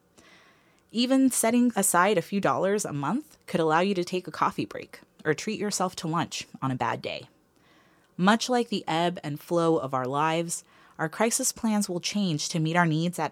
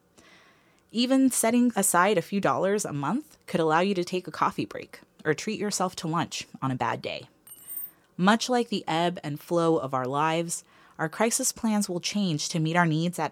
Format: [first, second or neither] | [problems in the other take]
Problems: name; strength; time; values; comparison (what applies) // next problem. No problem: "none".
first | jangling keys; noticeable; at 7.5 s; peak 9 dB below the speech